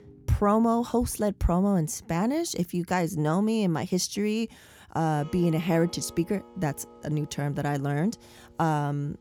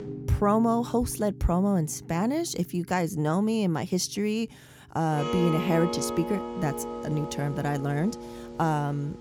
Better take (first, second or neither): first